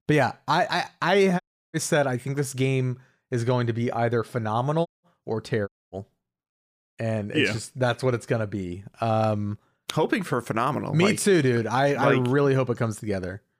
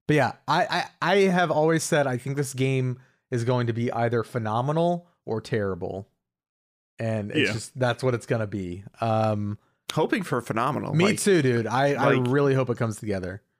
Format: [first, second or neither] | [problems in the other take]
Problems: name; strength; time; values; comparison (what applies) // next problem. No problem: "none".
second | audio cutting out; at 1.5 s, at 5 s and at 5.5 s